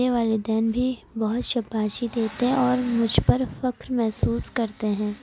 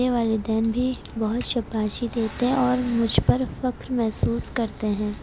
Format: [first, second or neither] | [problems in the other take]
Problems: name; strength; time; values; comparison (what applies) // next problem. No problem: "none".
first | background sound (Crack); 16 dB below the speech